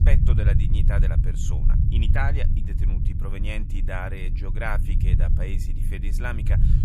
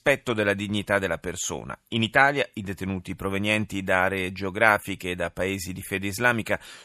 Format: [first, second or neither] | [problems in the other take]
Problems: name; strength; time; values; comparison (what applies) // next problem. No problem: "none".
second | low rumble; loud; throughout; 6 dB below the speech